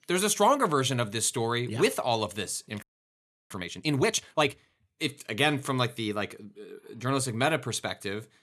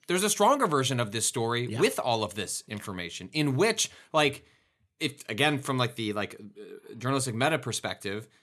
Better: second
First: audio freezing; at 3 s for 0.5 s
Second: none

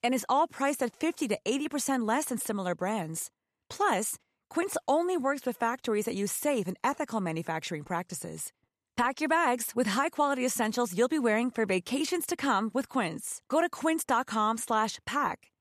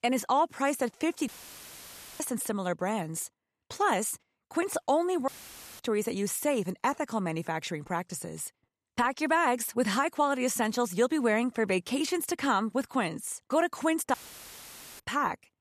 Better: first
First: none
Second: audio cutting out; filled with static; at 1.5 s for 1 s, at 5.5 s for 0.5 s and at 14 s for 1 s

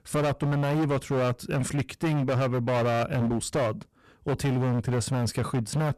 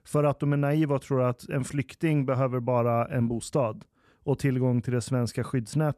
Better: second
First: distortion; heavy; 26% of the sound clipped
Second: none

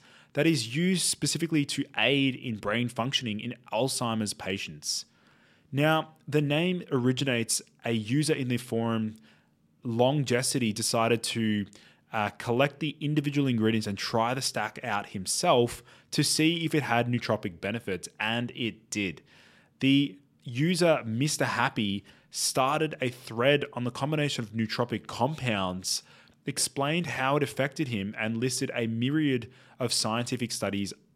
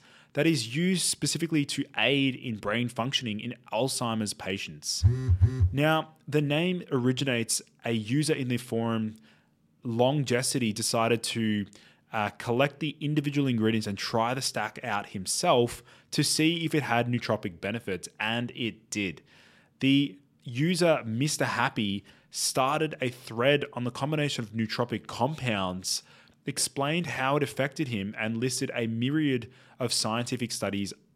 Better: first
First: none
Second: phone ringing; loud; at 5 s; peak 5 dB above the speech

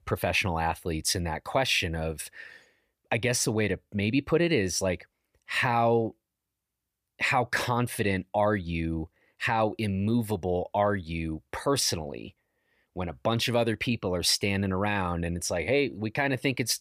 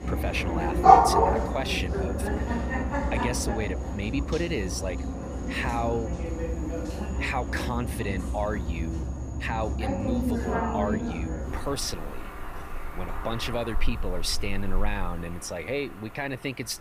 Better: first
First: none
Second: animal sounds; very loud; throughout; 4 dB above the speech

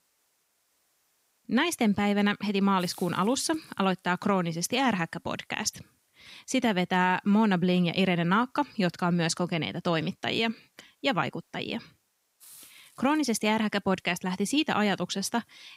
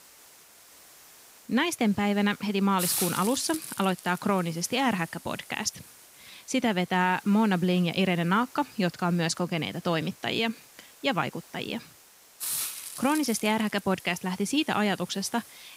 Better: first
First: hiss; faint; throughout; 30 dB below the speech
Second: hiss; loud; throughout; 9 dB below the speech

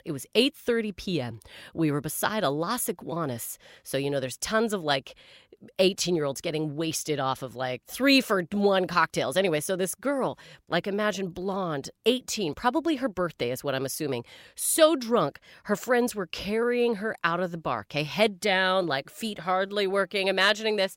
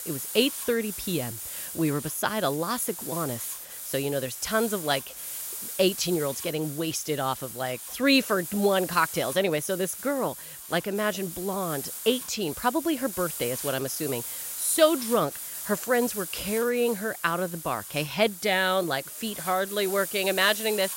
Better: first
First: none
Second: hiss; loud; throughout; 8 dB below the speech

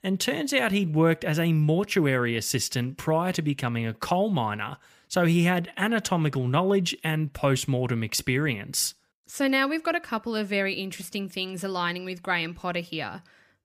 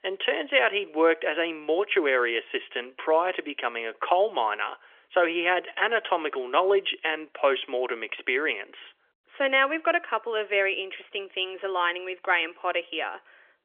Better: first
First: none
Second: phone-call audio; nothing above 3.5 kHz

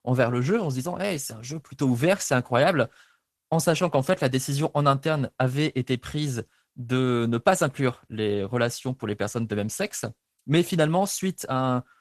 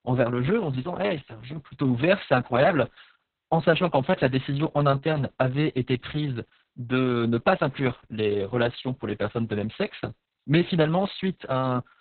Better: first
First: garbled, watery; slightly; nothing above 13.5 kHz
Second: garbled, watery; badly; nothing above 4 kHz

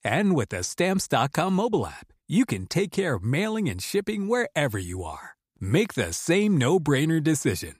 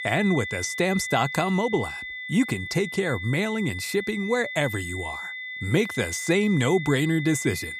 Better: first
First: none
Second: high-pitched whine; loud; throughout; 2 kHz, 7 dB below the speech

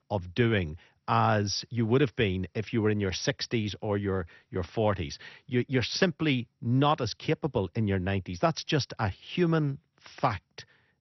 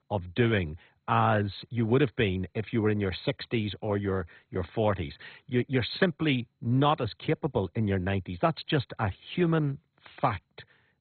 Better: first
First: garbled, watery; slightly; nothing above 6 kHz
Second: garbled, watery; badly; nothing above 4 kHz

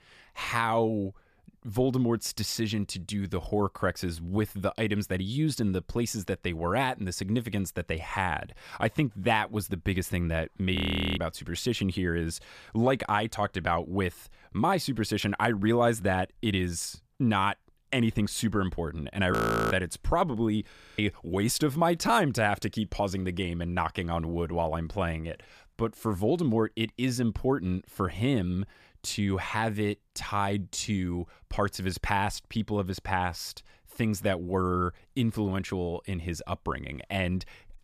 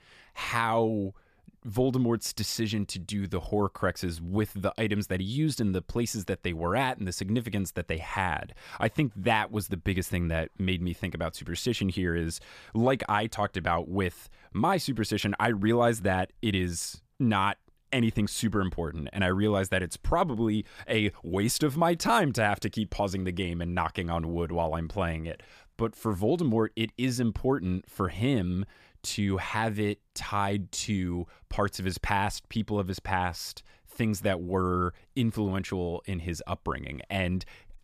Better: second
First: audio freezing; at 11 s, at 19 s and at 21 s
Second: none

